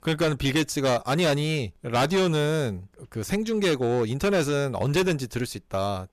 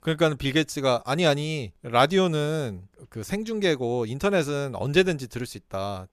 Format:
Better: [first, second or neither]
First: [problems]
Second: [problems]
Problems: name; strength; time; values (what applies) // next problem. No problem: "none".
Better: second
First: distortion; heavy; 13% of the sound clipped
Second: none